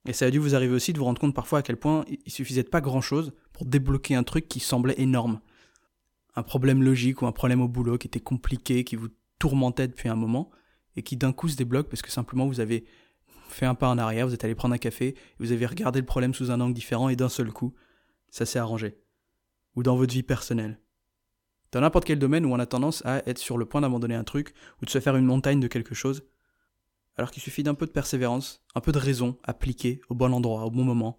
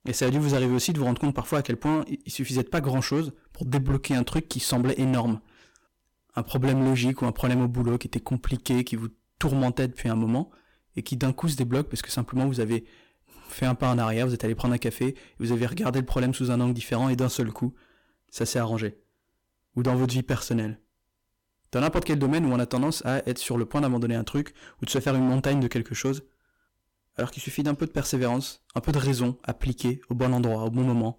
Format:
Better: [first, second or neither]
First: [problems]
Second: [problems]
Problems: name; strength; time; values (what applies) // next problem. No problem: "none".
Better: first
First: none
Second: distortion; slight; 10% of the sound clipped